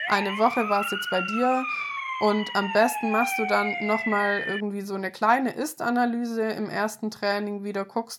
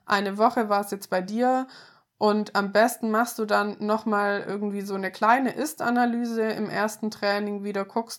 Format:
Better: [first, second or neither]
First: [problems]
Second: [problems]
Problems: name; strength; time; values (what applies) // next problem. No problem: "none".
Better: second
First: siren; noticeable; until 4.5 s; peak 1 dB below the speech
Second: none